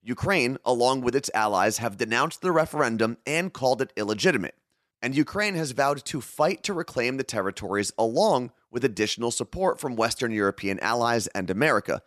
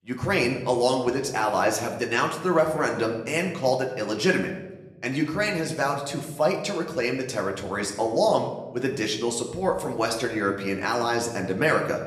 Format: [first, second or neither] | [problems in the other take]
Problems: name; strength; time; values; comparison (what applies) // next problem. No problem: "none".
first | room echo; slight; dies away in 0.8 s // off-mic speech; somewhat distant